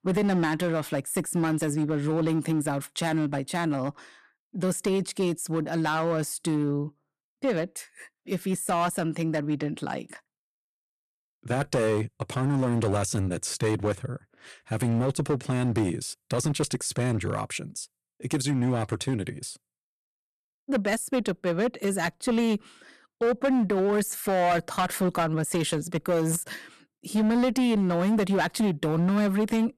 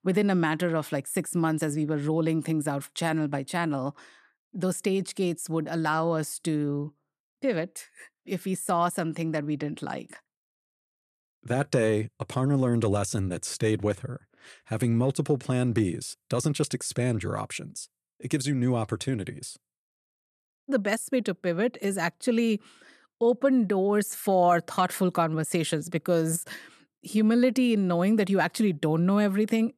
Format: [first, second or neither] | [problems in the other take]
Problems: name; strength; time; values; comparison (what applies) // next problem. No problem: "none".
second | distortion; slight; 9% of the sound clipped